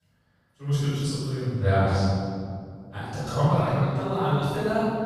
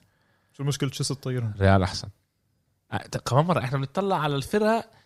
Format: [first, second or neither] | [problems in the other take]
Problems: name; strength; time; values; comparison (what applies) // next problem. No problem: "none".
second | off-mic speech; far // room echo; strong; dies away in 2.2 s